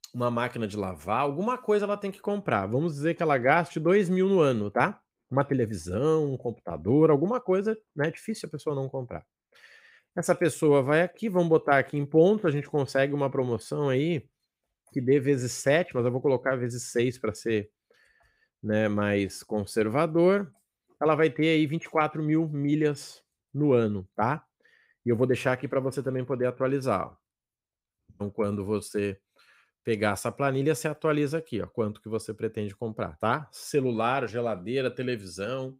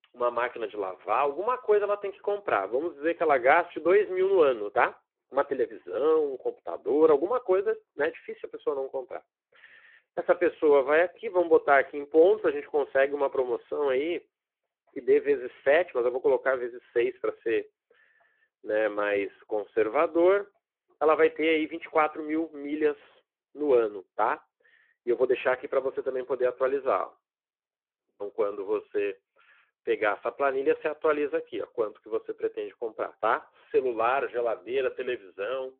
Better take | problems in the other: first | phone-call audio

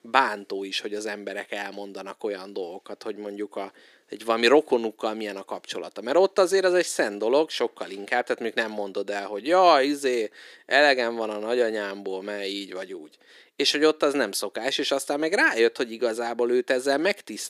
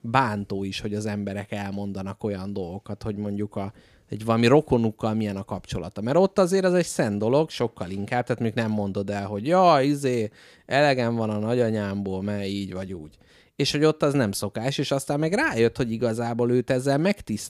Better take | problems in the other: second | thin; somewhat; fading below 350 Hz

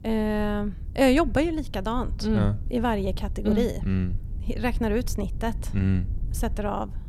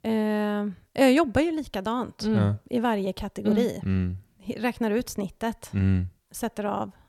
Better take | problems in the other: second | low rumble; faint; throughout; 20 dB below the speech

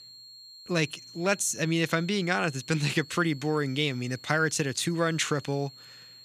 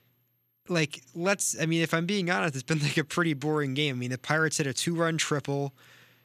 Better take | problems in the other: second | high-pitched whine; noticeable; throughout; 4.5 kHz, 20 dB below the speech

